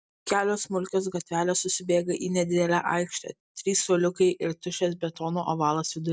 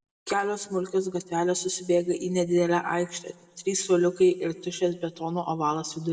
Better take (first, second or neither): first